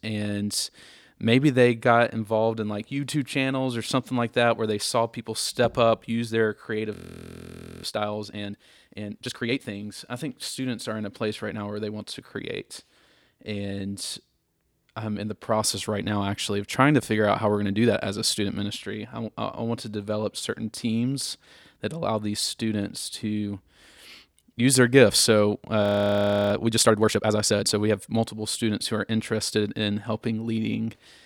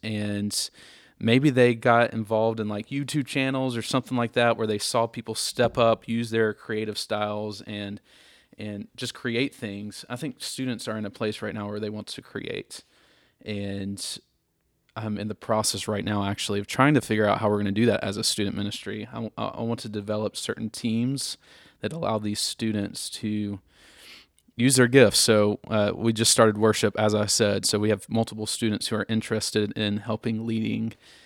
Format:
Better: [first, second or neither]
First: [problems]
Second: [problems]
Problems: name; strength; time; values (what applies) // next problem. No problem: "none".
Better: second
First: audio freezing; at 7 s for 1 s and at 26 s for 0.5 s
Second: none